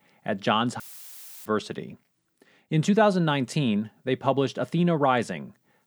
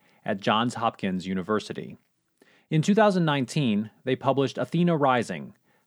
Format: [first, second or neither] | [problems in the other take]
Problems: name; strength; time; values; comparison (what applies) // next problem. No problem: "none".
second | audio cutting out; filled with static; at 1 s for 0.5 s